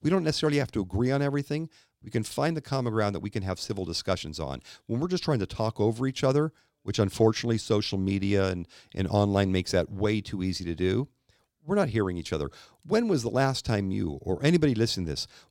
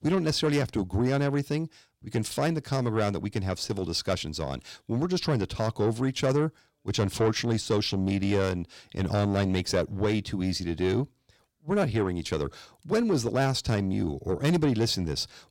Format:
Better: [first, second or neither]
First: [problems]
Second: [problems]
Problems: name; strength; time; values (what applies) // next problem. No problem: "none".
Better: first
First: none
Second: distortion; slight; 10 dB below the speech